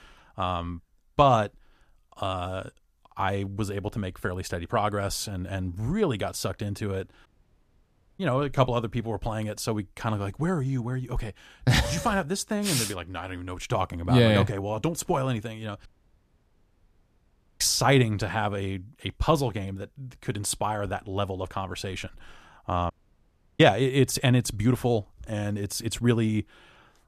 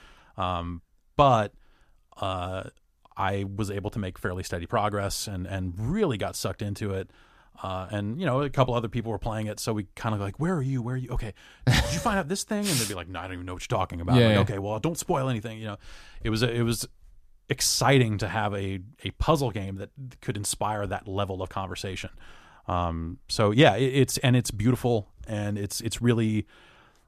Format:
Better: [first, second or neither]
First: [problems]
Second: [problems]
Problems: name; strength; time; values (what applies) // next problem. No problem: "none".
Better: second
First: audio cutting out; at 7.5 s for 1 s, at 16 s for 1.5 s and at 23 s for 0.5 s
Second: none